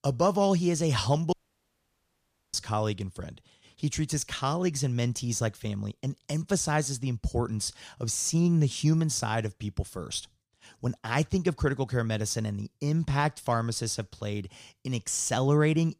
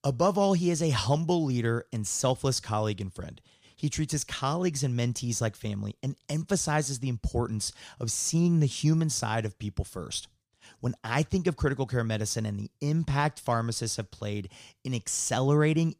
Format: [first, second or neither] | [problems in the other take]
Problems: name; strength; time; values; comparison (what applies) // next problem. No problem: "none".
second | audio cutting out; at 1.5 s for 1 s